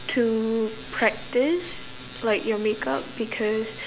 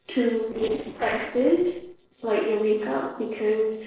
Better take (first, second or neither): first